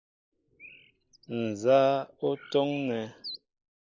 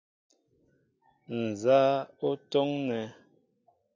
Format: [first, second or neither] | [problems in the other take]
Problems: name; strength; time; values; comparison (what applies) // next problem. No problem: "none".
second | noise reduction (neural mask model Resemble Enhance denoiser)